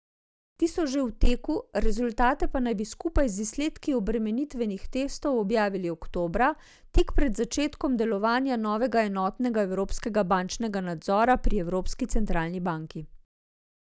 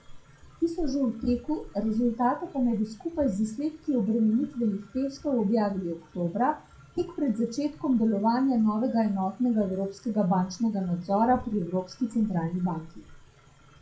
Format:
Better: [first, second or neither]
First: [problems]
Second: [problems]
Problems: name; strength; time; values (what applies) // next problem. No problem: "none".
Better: first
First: none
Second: noise reduction (classical method WPE with log-MMSE)